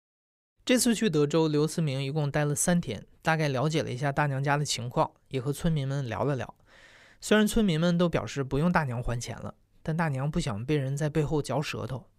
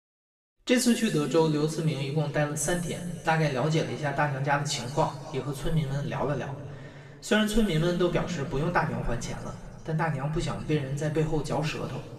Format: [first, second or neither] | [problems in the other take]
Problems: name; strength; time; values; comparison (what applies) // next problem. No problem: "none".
first | room echo; noticeable; dies away in 2.1 s // off-mic speech; far